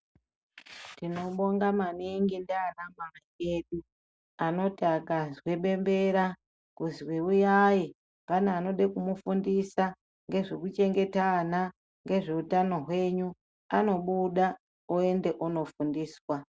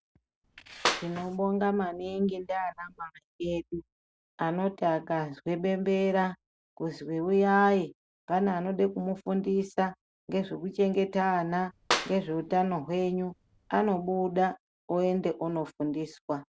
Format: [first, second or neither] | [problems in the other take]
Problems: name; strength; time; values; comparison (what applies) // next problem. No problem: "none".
first | background sound (Clapping); 8 dB below the speech